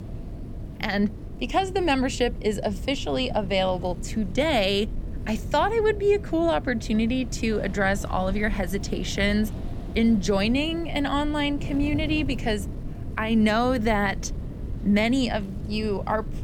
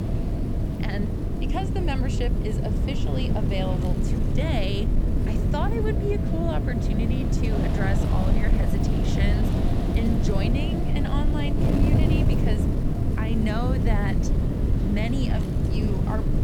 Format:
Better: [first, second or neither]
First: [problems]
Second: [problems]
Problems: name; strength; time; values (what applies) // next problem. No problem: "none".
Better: first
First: wind noise on the microphone; occasional gusts; 20 dB below the speech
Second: wind noise on the microphone; heavy; as loud as the speech